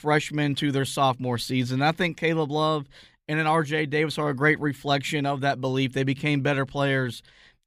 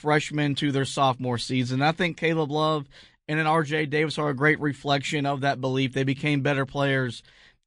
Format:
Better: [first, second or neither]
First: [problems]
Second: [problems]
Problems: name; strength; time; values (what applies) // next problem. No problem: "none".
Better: first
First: none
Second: garbled, watery; slightly; nothing above 10 kHz